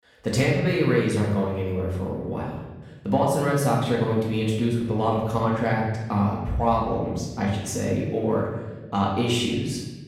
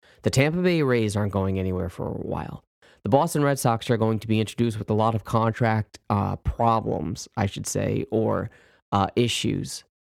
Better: second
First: room echo; noticeable; dies away in 1 s // off-mic speech; far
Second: none

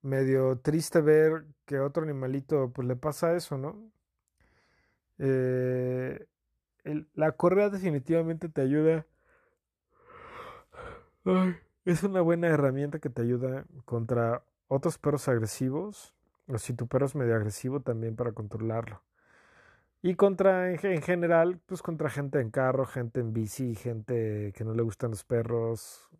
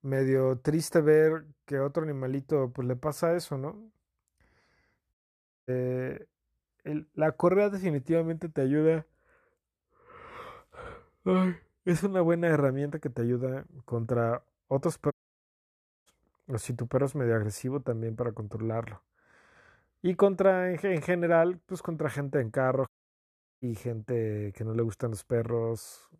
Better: first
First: none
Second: audio cutting out; at 5 s for 0.5 s, at 15 s for 1 s and at 23 s for 0.5 s

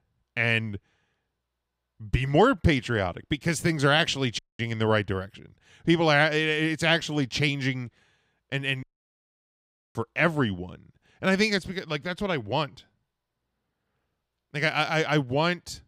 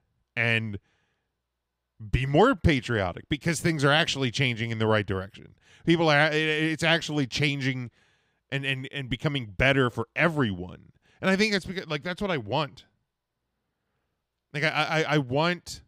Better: second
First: audio cutting out; at 4.5 s and at 9 s for 1 s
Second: none

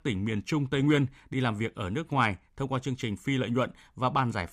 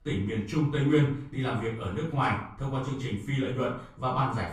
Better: first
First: none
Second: room echo; noticeable; dies away in 0.5 s // off-mic speech; far

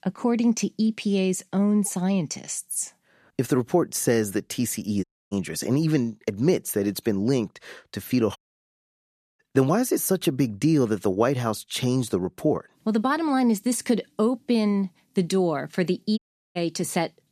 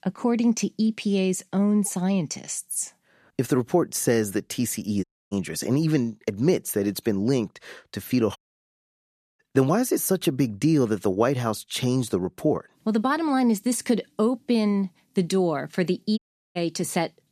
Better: neither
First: audio cutting out; at 5 s, at 8.5 s for 1 s and at 16 s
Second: audio cutting out; at 5 s, at 8.5 s for 1 s and at 16 s

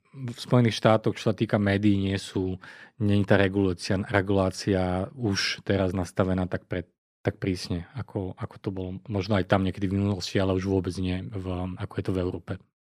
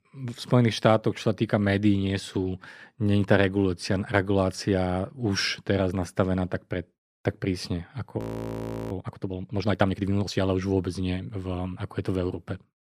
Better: first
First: none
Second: audio freezing; at 8 s for 0.5 s

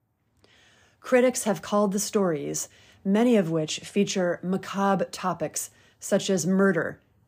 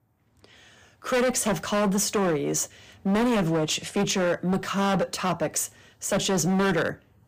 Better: first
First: none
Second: distortion; heavy; 17% of the sound clipped

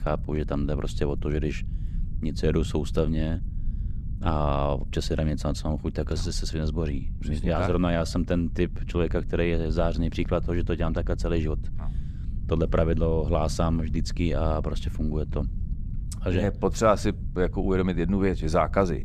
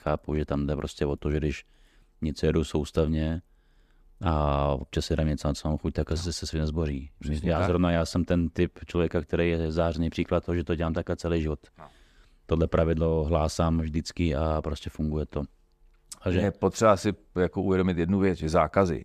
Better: second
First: low rumble; noticeable; throughout; 20 dB below the speech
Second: none

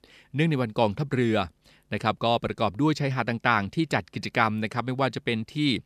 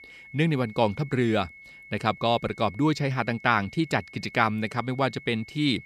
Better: first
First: none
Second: high-pitched whine; noticeable; throughout; 2 kHz, 20 dB below the speech

